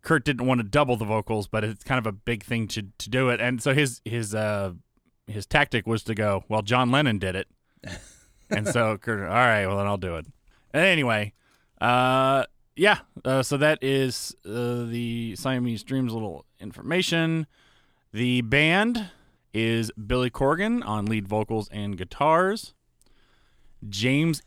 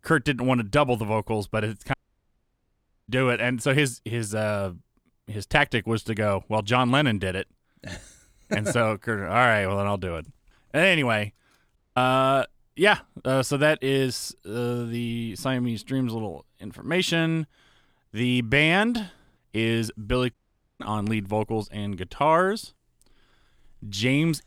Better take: first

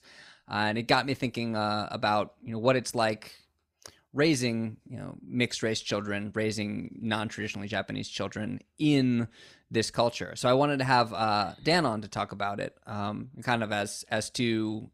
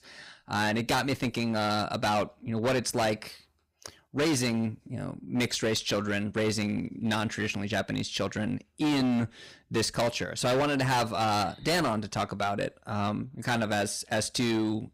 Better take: first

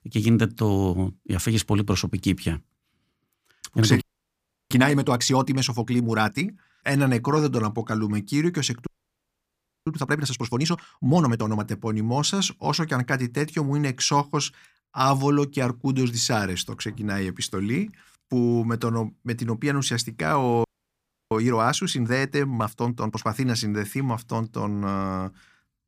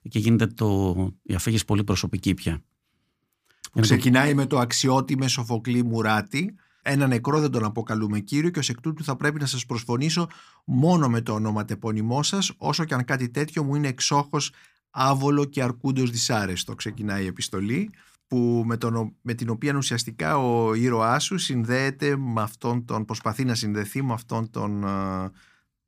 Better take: second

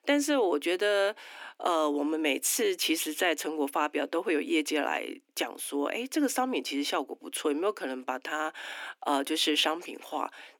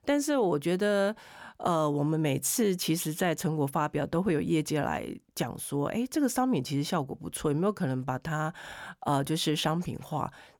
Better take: second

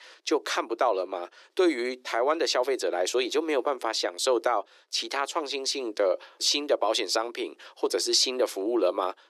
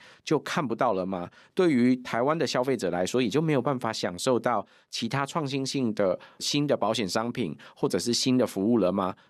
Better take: second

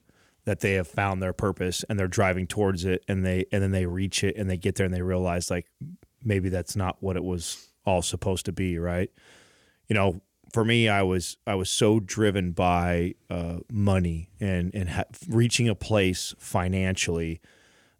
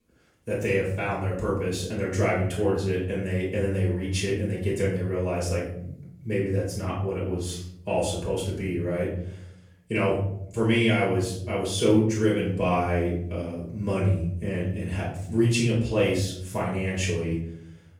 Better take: first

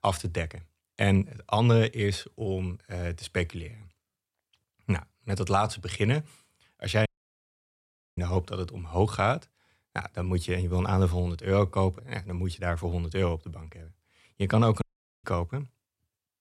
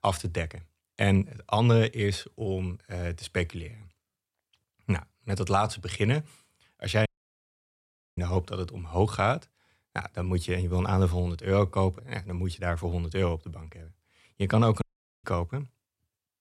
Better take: neither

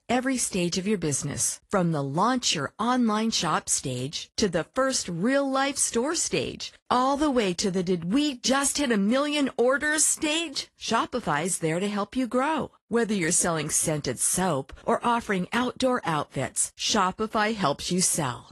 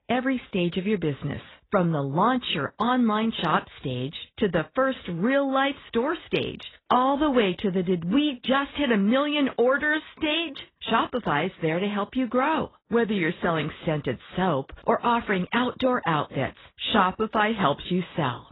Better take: first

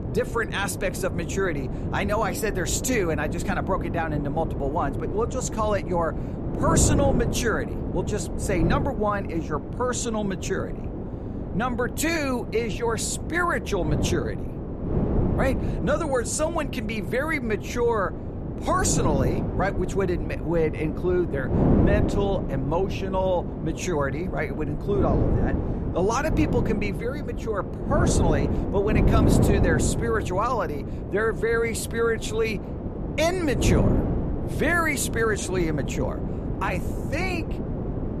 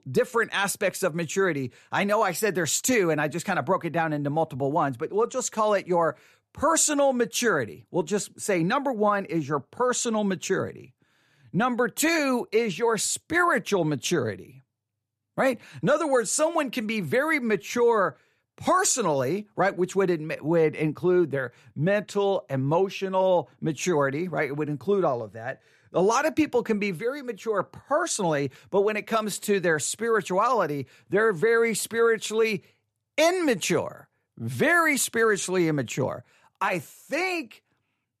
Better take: second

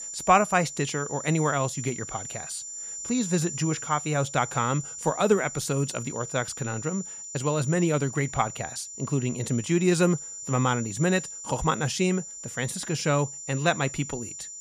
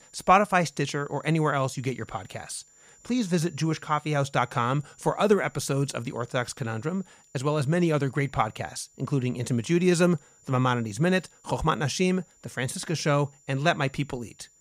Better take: second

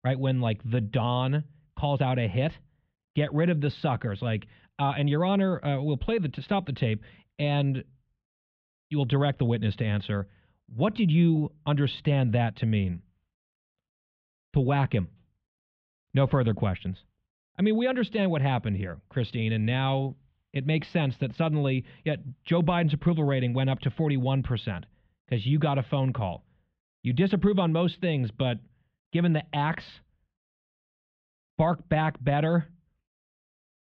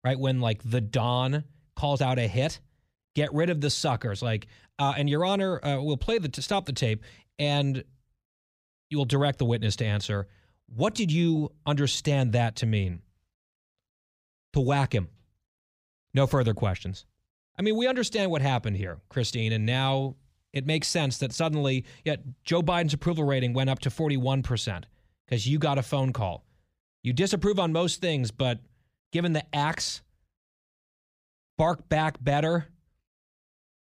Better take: second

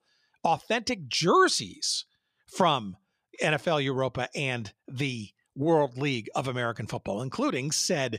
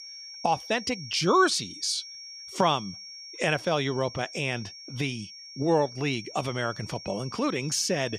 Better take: first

